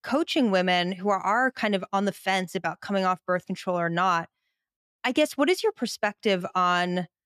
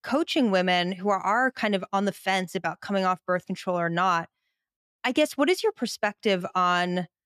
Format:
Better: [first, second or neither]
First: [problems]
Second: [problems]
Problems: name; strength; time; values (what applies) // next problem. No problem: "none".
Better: neither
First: none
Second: none